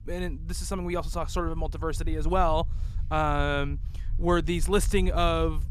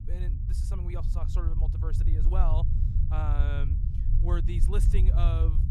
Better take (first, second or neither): first